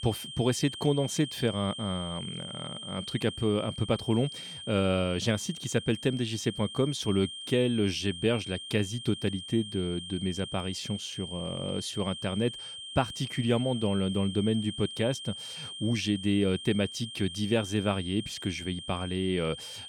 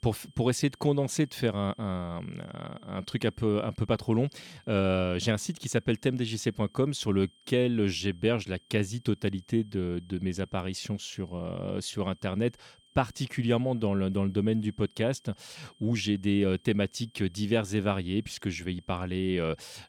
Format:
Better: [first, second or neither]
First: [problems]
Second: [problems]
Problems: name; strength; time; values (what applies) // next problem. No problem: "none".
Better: second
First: high-pitched whine; loud; throughout; 3 kHz, 9 dB below the speech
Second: high-pitched whine; faint; throughout; 3 kHz, 30 dB below the speech